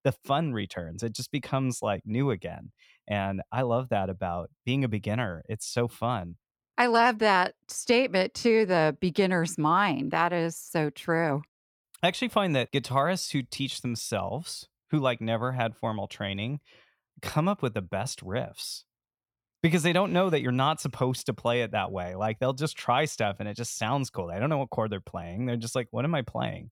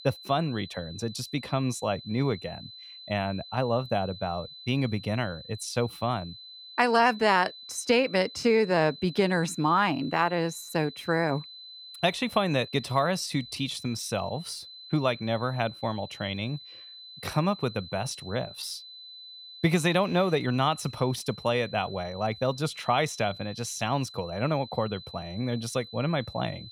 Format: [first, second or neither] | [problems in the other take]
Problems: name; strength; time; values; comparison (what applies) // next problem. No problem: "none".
first | high-pitched whine; noticeable; throughout; 4 kHz, 15 dB below the speech